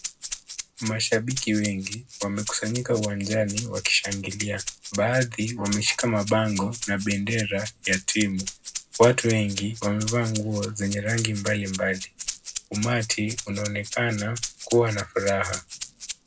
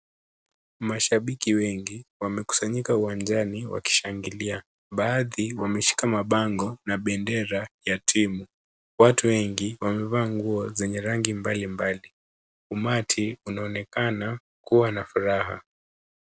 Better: second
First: background sound (Rattle (instrument)); 10 dB below the speech // room echo; dies away in 0.3 s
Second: none

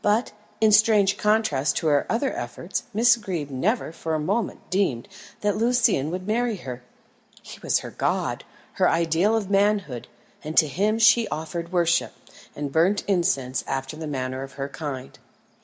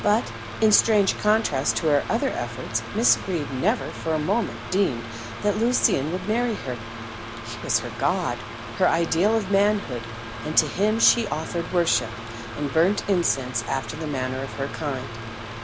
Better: first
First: none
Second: background sound (Mechanical fan); 9 dB below the speech

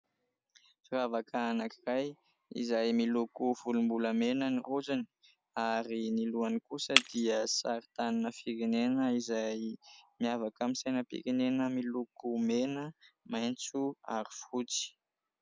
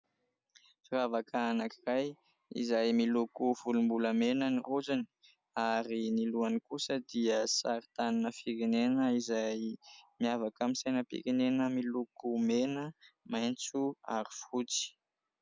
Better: second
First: background sound (Shatter); 4 dB below the speech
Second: none

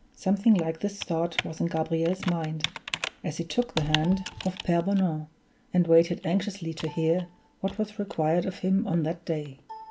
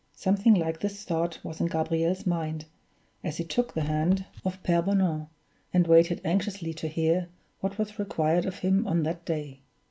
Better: second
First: background sound (Computer keyboard); 13 dB below the speech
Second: none

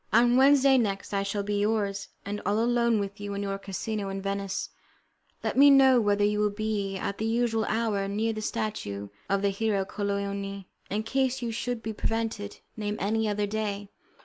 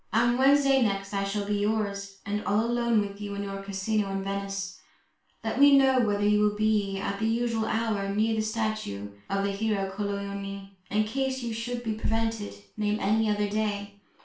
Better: first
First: none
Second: room echo; dies away in 0.3 s

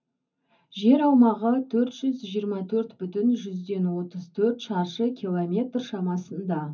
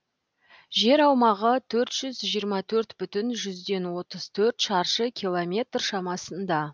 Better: second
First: room echo; dies away in 0.3 s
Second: none

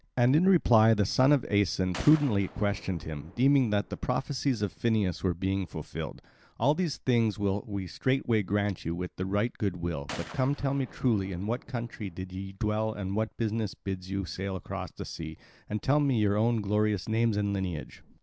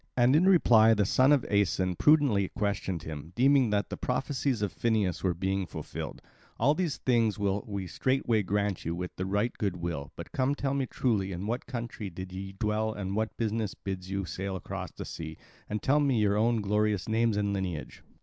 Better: second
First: background sound (Gunshot, gunfire); 19 dB below the speech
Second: none

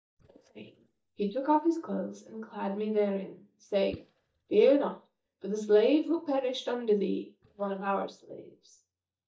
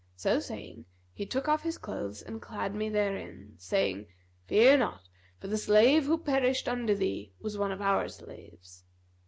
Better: second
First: noise reduction (neural mask model DeepFilterNet 3)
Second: none

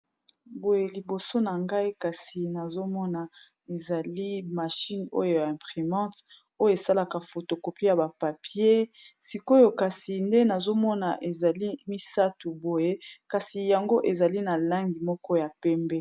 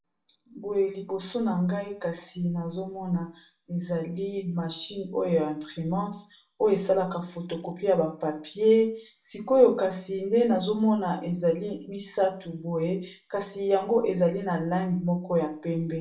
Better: first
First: none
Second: room echo; dies away in 0.3 s

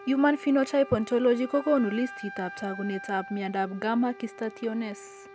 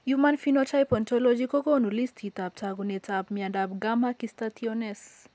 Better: second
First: background sound (Wind instrument, woodwind instrument); 16 dB below the speech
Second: none

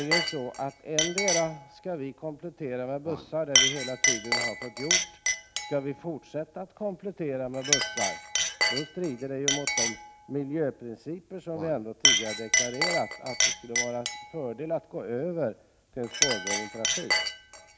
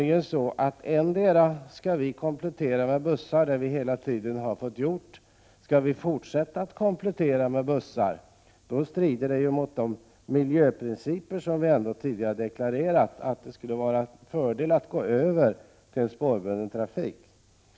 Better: second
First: background sound (Chink, clink); 3 dB above the speech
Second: none

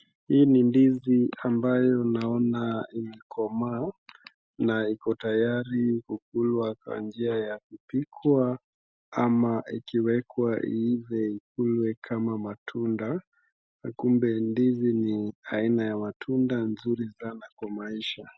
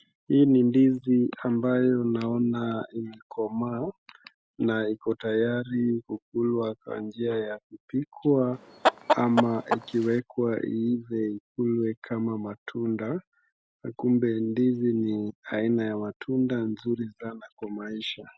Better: first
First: none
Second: background sound (Chicken, rooster); 1 dB below the speech

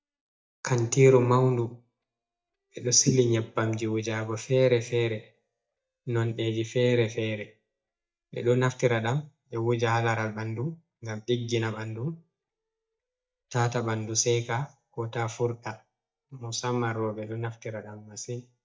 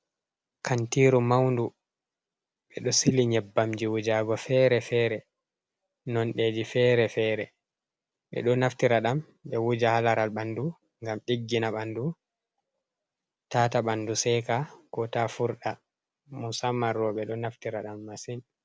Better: second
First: noise reduction (neural mask model DeepFilterNet 3)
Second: none

